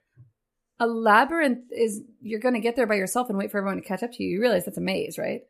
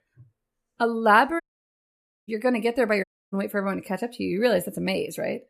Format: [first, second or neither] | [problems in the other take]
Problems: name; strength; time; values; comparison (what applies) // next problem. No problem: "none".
first | audio cutting out; at 1.5 s for 1 s and at 3 s